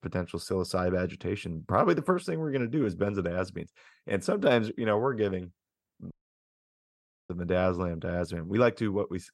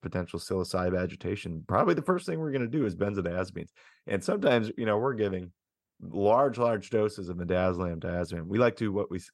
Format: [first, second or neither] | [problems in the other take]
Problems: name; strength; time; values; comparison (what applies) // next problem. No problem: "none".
second | audio cutting out; at 6 s for 1 s